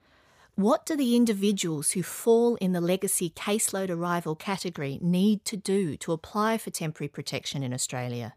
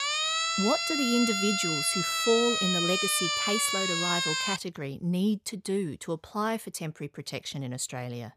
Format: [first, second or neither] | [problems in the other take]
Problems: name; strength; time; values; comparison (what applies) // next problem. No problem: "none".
first | siren; loud; until 4.5 s; peak 5 dB above the speech